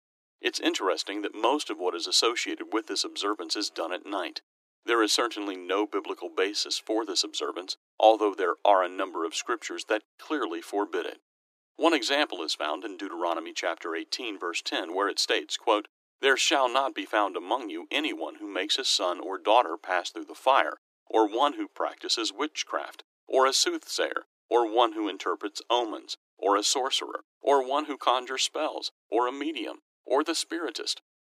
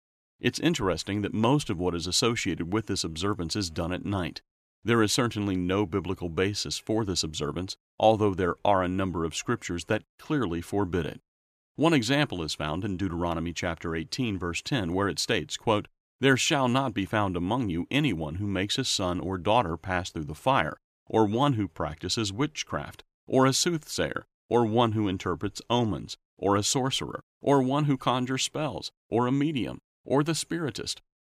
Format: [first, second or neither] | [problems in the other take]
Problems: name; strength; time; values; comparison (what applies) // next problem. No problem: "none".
second | thin; very; fading below 300 Hz